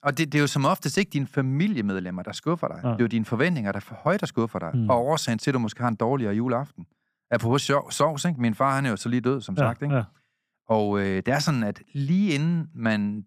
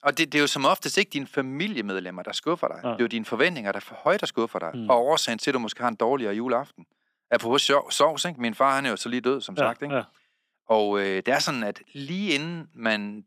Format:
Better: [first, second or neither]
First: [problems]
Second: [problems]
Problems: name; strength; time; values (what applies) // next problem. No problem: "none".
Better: first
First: none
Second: thin; somewhat; fading below 350 Hz